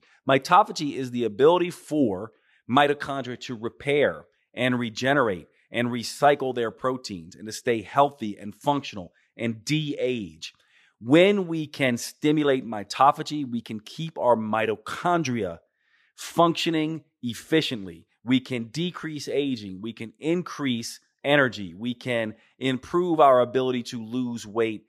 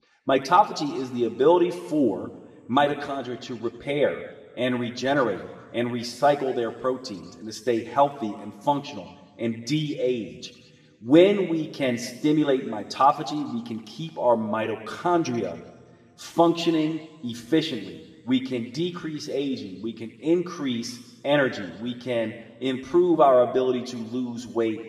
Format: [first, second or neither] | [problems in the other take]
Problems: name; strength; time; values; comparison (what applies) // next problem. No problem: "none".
first | room echo; slight; dies away in 1.4 s // off-mic speech; somewhat distant